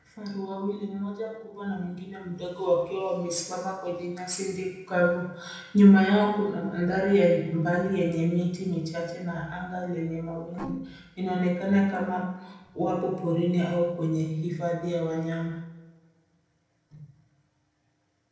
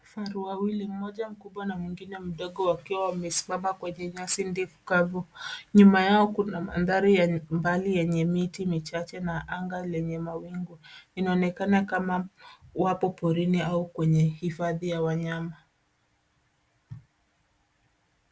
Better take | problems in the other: second | noise reduction (neural separator model SepFormer DNS4)

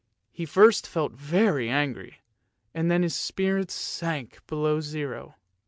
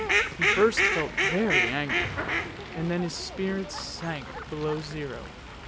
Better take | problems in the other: first | background sound (Fowl); 2 dB above the speech

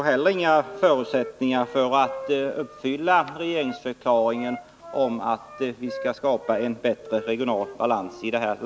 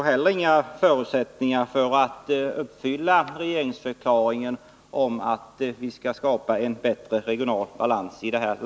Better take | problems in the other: second | background sound (Wind instrument, woodwind instrument); 16 dB below the speech

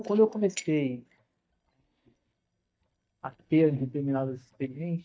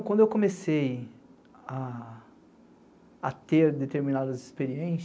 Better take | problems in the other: second | noise reduction (neural mask model DeepFilterNet 3)

